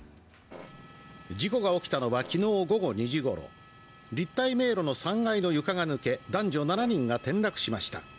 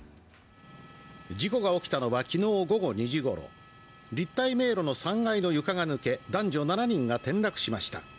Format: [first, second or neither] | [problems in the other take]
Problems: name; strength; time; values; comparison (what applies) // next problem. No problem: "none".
second | background sound (Fart); 18 dB below the speech